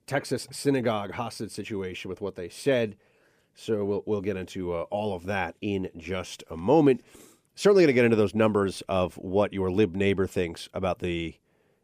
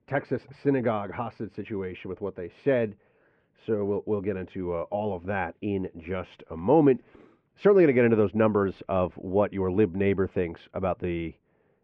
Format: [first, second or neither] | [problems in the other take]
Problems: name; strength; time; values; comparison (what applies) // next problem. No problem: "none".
first | muffled; very; fading above 2 kHz